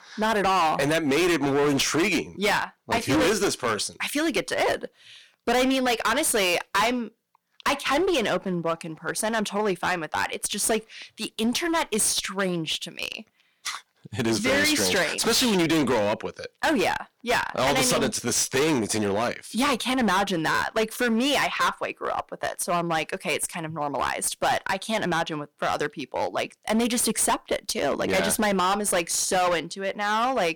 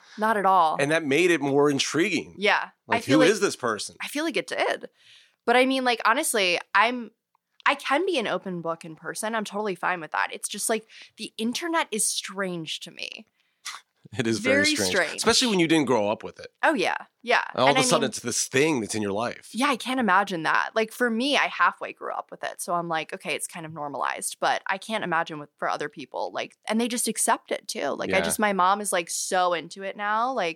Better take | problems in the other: second | distortion; heavy; 17% of the sound clipped

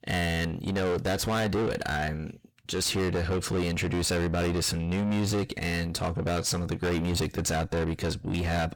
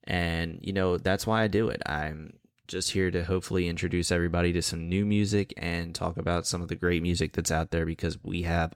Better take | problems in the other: second | distortion; heavy; 6 dB below the speech

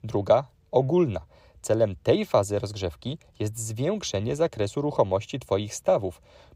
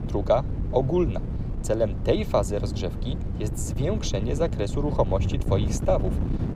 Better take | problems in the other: first | wind noise on the microphone; occasional gusts; 10 dB below the speech

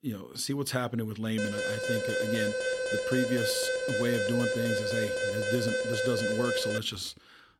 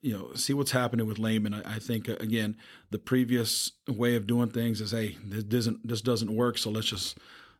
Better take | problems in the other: second | alarm; loud; from 1.5 to 7 s; peak 3 dB above the speech

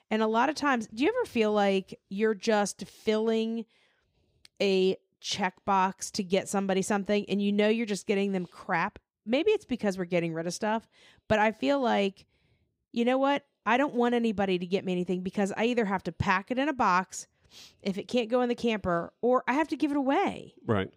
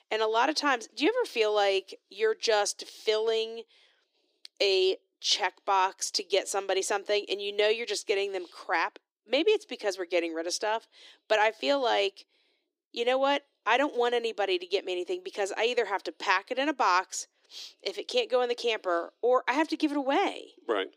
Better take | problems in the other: first | thin; somewhat; fading below 300 Hz

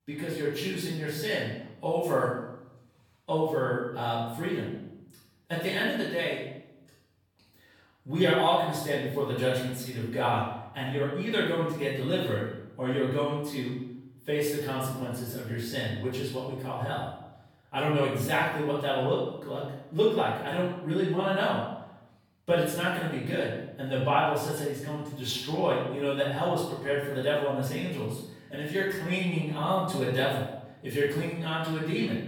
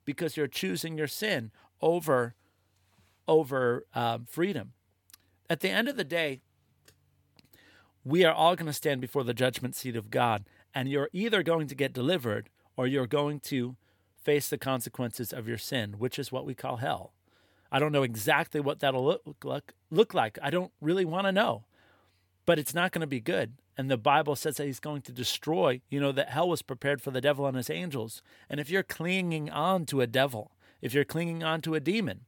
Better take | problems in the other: second | off-mic speech; far // room echo; noticeable; dies away in 0.8 s

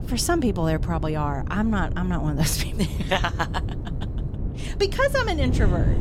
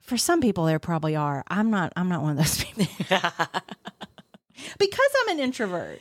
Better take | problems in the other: second | wind noise on the microphone; occasional gusts; 15 dB below the speech

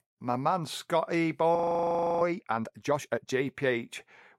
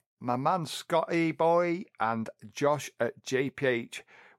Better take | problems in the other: second | audio freezing; at 1.5 s for 0.5 s

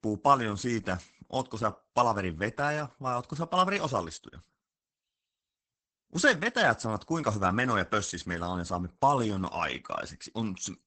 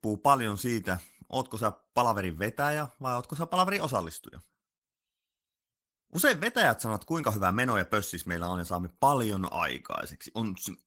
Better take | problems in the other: second | garbled, watery; badly; nothing above 8 kHz; slightly in the second

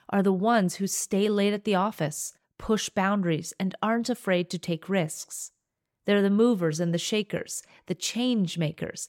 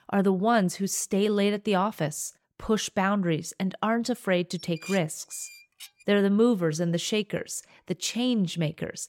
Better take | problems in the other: first | clattering dishes; faint; from 4.5 to 6 s; peak 15 dB below the speech

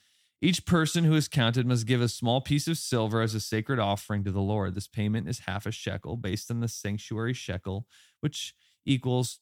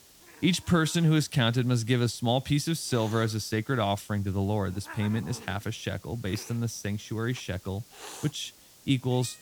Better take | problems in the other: first | hiss; noticeable; throughout; 20 dB below the speech

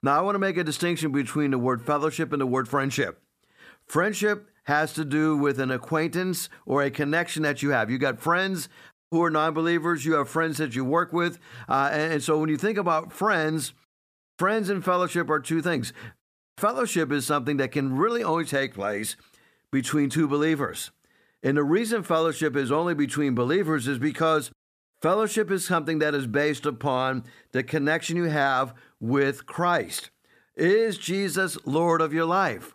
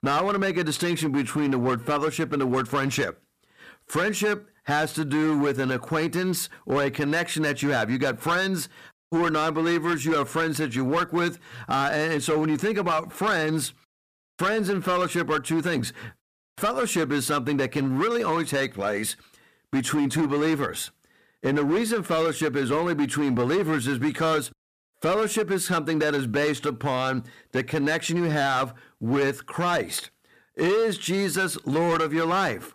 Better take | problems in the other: first | distortion; slight; 12% of the sound clipped

